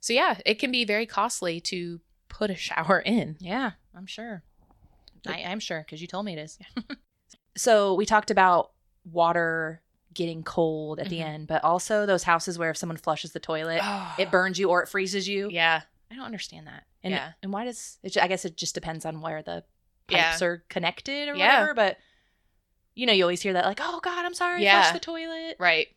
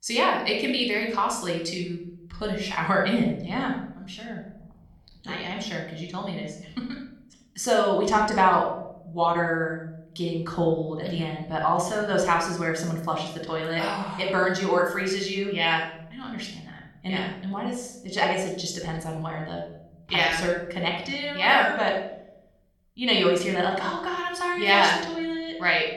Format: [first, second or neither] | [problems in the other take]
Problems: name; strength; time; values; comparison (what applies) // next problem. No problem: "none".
first | off-mic speech; somewhat distant // room echo; noticeable; dies away in 0.8 s